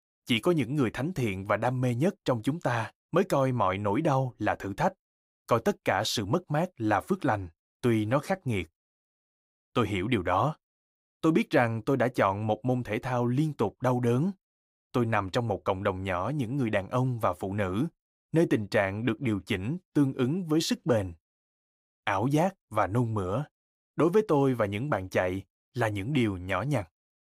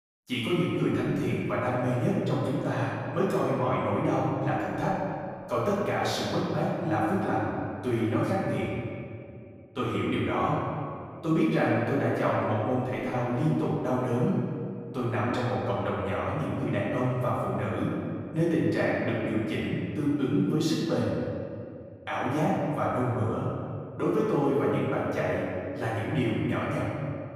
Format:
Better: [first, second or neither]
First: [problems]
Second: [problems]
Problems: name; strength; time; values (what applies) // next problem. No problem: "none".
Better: first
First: none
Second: off-mic speech; far // room echo; strong; dies away in 2.1 s